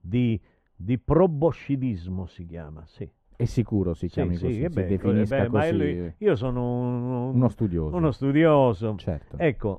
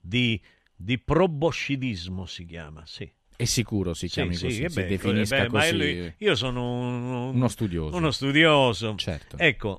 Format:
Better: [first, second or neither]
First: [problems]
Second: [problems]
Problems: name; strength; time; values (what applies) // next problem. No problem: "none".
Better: second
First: muffled; very; fading above 2 kHz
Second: none